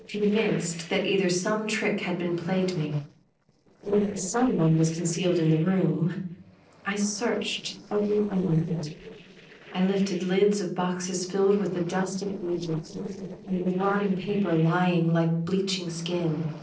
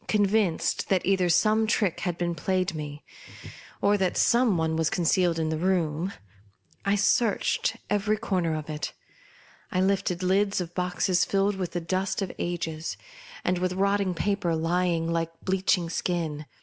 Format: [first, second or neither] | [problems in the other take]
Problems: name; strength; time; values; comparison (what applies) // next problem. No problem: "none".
second | noise reduction (neural separator model SepFormer DNS4)